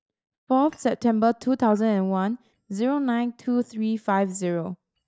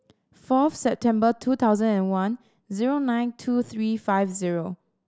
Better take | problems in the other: second | noise reduction (neural mask model DeepFilterNet 3)

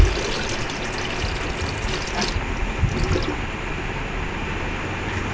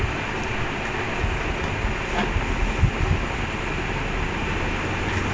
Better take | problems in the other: second | background sound (Sink (filling or washing) / Water tap, faucet); 2 dB below the speech

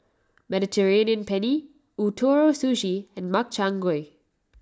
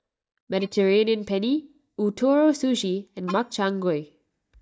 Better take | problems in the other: first | noise reduction (neural mask model DeepFilterNet 3)

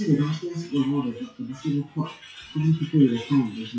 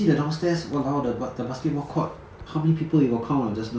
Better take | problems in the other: second | noise reduction (classical method WPE with log-MMSE)

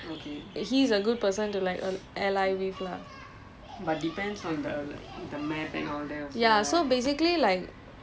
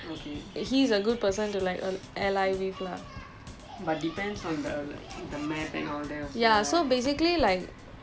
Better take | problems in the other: first | background sound (Camera + Drum / Drum kit); 18 dB below the speech

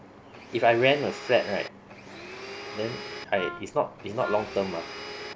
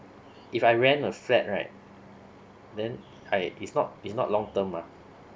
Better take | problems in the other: second | background sound (Wind instrument, woodwind instrument + Domestic sounds, home sounds); 11 dB below the speech

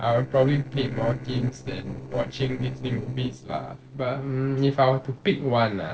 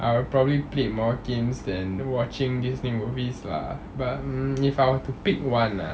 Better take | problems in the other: second | noise reduction (neural separator model SepFormer DNS4)

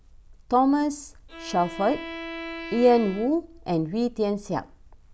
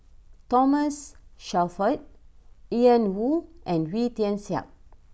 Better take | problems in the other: second | background sound (Bowed string instrument); 14 dB below the speech

